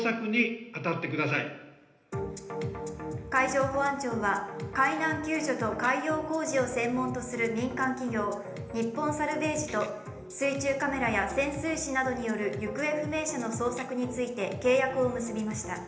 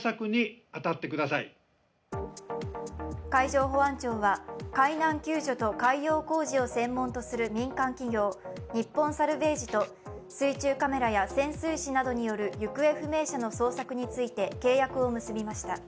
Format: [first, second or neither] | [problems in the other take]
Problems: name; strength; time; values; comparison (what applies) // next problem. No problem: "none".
second | room echo; dies away in 1 s